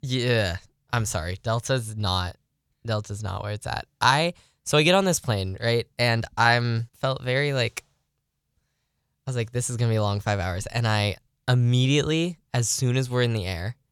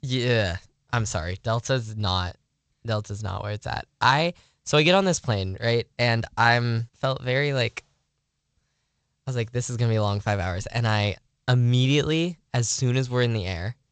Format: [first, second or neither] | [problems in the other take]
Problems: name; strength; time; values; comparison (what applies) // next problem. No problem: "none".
first | garbled, watery; slightly; nothing above 7.5 kHz